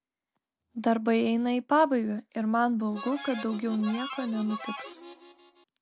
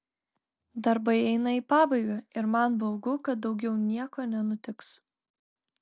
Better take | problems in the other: second | background sound (Harmonica); 13 dB below the speech

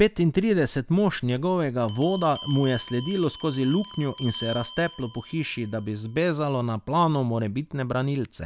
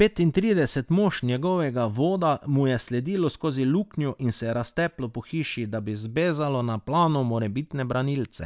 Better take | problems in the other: second | background sound (Bell); 19 dB below the speech

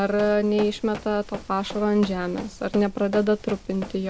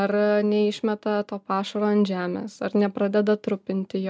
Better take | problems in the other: second | background sound (Run); 15 dB below the speech

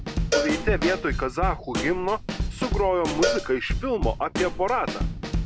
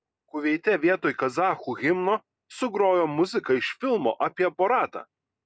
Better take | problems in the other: second | background sound (Cowbell + Snare drum / Drum kit); 1 dB below the speech

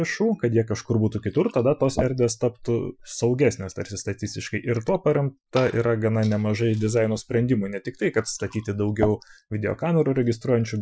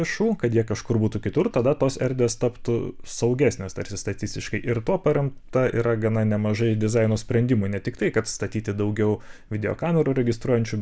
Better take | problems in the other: second | noise reduction (classical method Wiener filter)

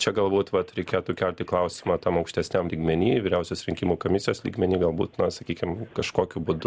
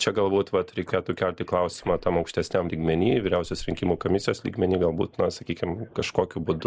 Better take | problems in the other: first | noise reduction (neural mask model Resemble Enhance denoiser)

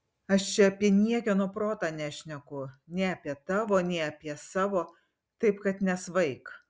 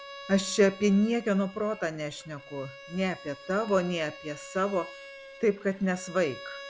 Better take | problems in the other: first | background sound (Bowed string instrument); 17 dB below the speech

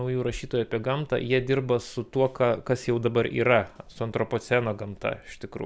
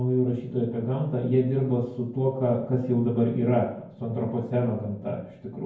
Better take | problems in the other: first | room echo; dies away in 0.9 s

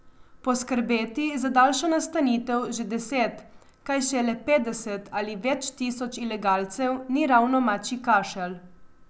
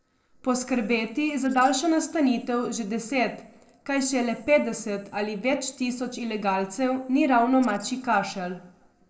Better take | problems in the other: first | noise reduction (neural separator model SepFormer DNS4)

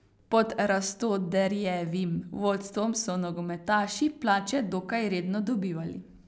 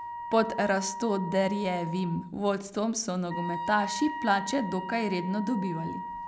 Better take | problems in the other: first | background sound (Wind instrument, woodwind instrument); 8 dB below the speech

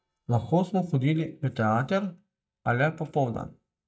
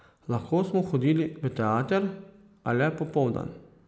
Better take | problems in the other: second | noise reduction (neural mask model DeepFilterNet 3)

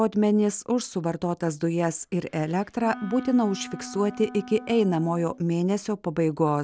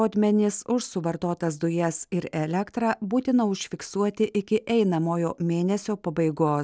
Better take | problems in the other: second | background sound (Wind instrument, woodwind instrument); 17 dB below the speech

